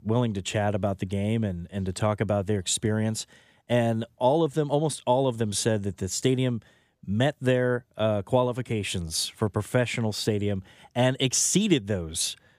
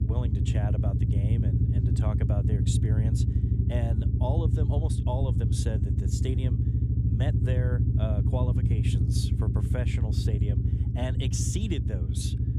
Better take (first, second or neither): first